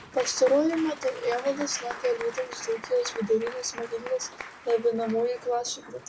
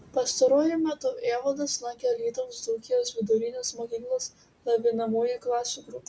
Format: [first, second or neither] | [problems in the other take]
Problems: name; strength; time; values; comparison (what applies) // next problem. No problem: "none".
second | background sound (Applause / Crowd); 13 dB below the speech